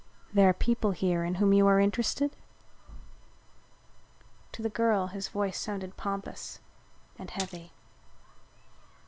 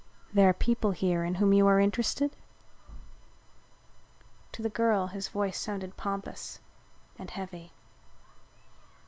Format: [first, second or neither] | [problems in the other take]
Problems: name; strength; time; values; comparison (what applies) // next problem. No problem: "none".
second | background sound (Splash, splatter); 14 dB below the speech